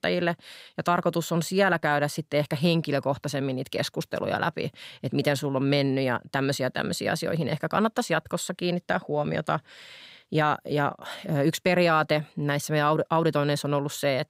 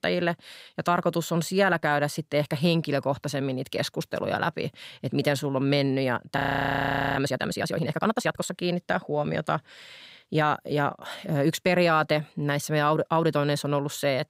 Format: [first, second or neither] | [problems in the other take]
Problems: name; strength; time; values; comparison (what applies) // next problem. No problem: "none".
first | audio freezing; at 6.5 s for 1 s